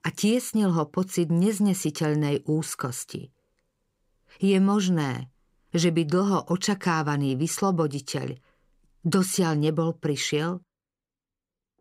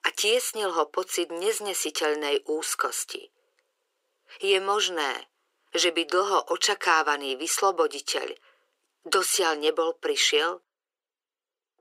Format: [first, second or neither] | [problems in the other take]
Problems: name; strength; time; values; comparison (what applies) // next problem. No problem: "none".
first | thin; very; fading below 400 Hz